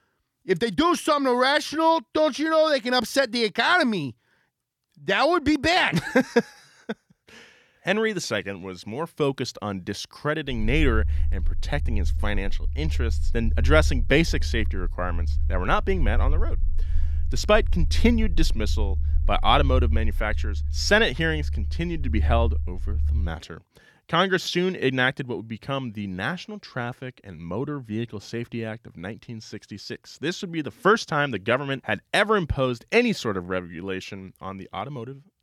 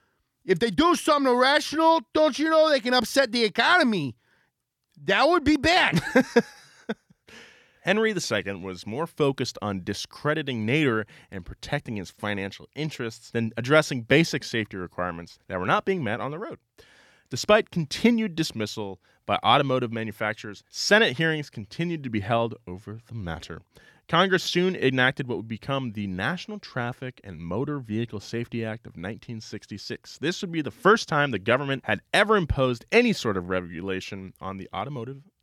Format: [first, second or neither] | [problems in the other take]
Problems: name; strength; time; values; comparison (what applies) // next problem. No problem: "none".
second | low rumble; faint; from 11 to 23 s; 25 dB below the speech